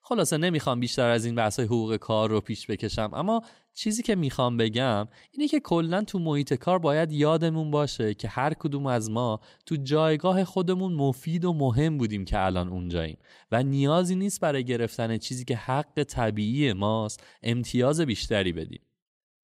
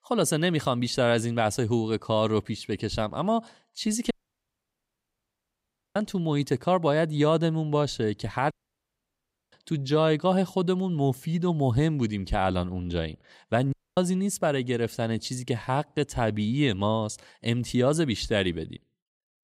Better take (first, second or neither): first